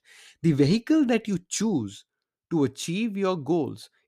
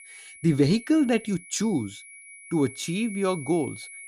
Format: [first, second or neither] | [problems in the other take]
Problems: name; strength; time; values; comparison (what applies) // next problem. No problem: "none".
first | high-pitched whine; noticeable; throughout; 2 kHz, 15 dB below the speech